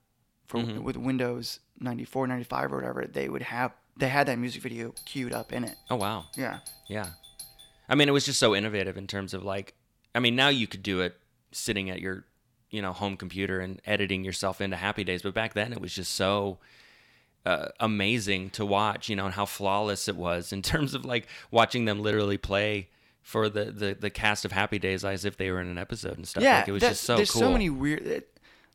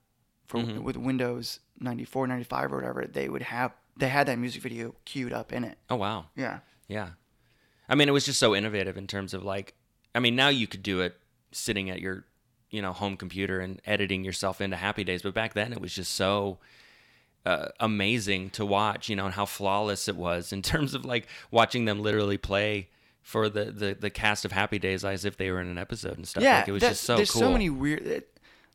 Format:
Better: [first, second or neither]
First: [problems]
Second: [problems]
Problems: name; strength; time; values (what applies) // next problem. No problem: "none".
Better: second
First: doorbell; faint; from 5 to 7.5 s; peak 15 dB below the speech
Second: none